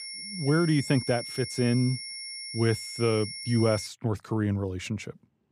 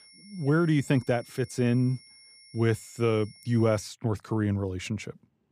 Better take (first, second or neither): second